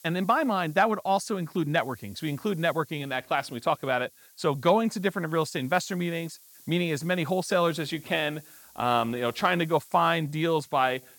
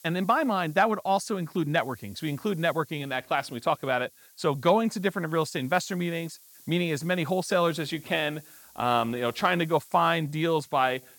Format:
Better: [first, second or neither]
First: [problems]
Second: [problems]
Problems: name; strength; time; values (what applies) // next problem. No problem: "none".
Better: neither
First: hiss; faint; throughout; 25 dB below the speech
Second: hiss; faint; throughout; 25 dB below the speech